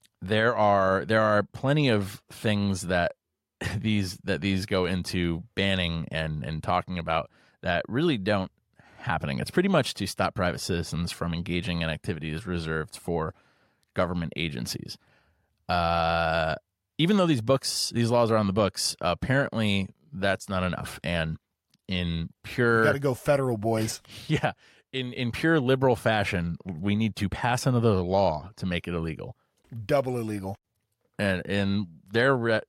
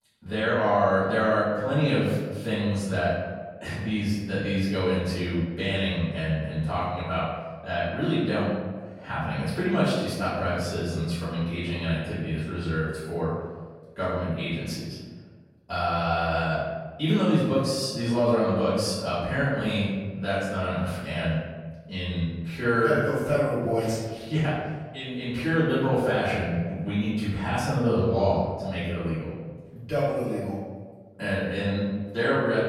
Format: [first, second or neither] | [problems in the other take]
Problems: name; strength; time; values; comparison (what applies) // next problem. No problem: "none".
first | off-mic speech; far // room echo; strong; dies away in 1.3 s